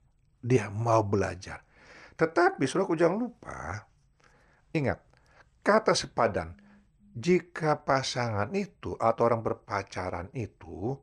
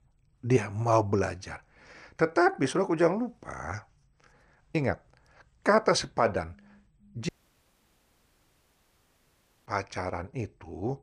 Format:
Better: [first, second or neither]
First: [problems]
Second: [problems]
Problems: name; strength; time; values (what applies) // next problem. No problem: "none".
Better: first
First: none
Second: audio cutting out; at 7.5 s for 2.5 s